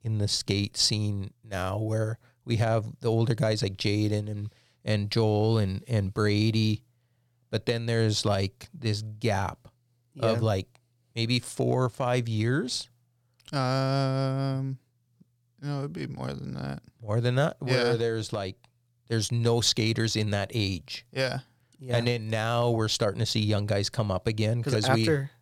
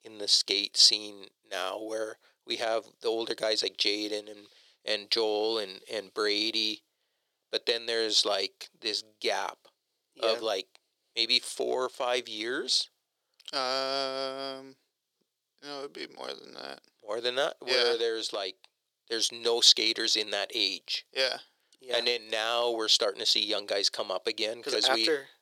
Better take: first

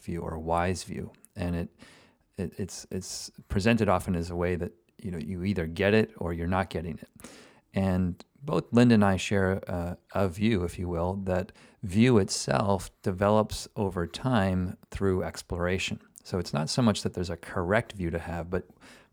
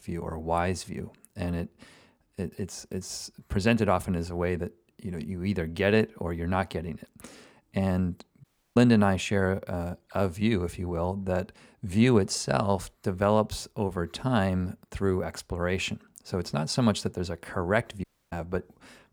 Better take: first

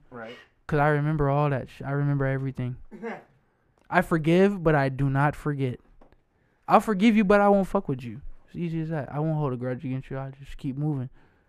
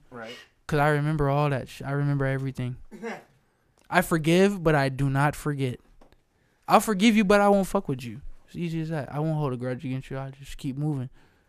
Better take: second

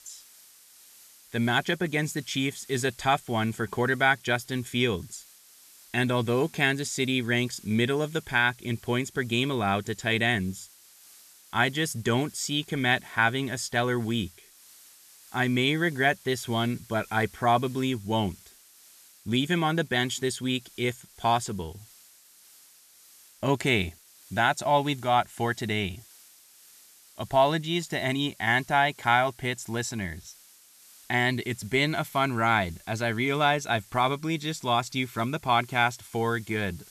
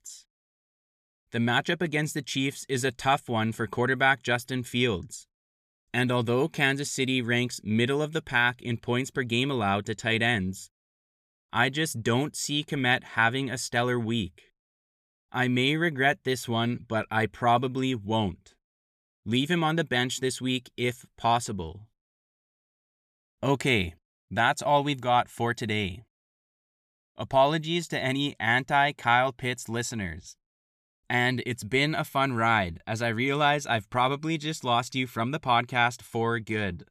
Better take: second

